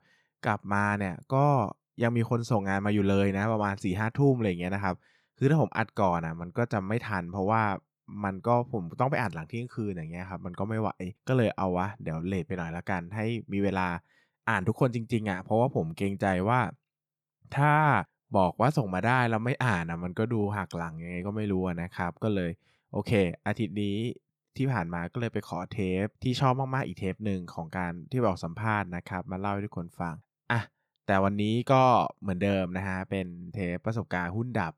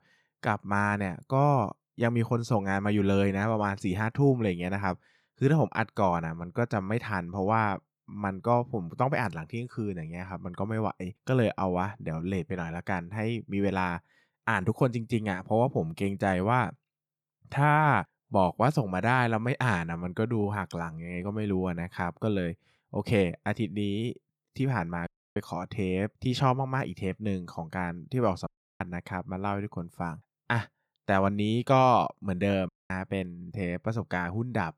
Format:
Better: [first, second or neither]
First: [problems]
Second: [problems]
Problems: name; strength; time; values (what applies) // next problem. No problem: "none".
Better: first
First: none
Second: audio cutting out; at 25 s, at 28 s and at 33 s